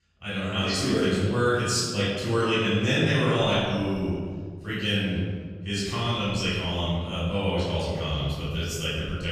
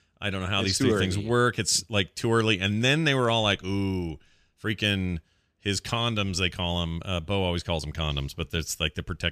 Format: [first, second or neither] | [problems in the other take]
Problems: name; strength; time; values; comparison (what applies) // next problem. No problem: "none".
second | off-mic speech; far // room echo; strong; dies away in 1.5 s